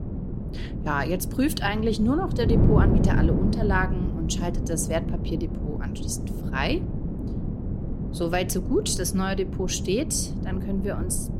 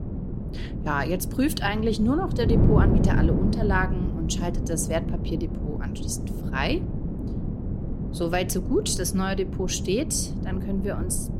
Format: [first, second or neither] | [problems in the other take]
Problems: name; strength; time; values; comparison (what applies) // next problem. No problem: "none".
neither | wind noise on the microphone; heavy; 7 dB below the speech; the same in both